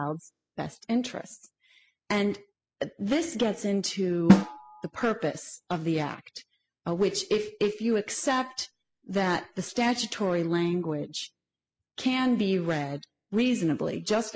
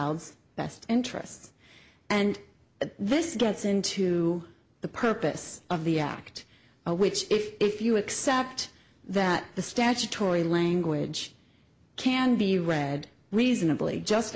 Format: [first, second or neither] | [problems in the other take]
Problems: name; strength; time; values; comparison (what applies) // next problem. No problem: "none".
second | noise reduction (classical method spectral subtraction)